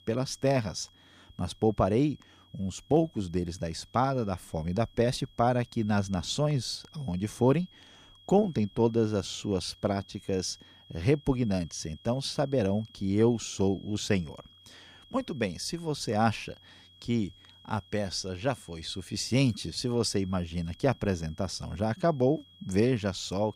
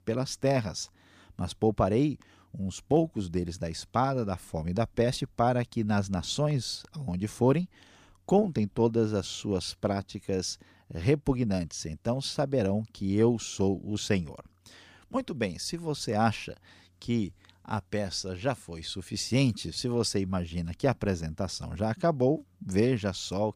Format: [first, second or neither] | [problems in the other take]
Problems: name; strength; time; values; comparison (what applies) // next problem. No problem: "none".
second | high-pitched whine; faint; throughout; 3.5 kHz, 25 dB below the speech